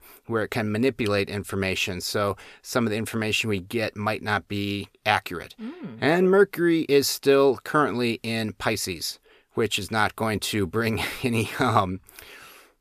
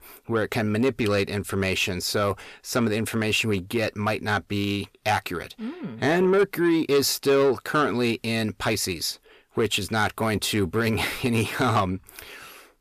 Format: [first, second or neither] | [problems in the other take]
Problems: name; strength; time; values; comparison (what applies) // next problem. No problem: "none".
first | distortion; slight; 10 dB below the speech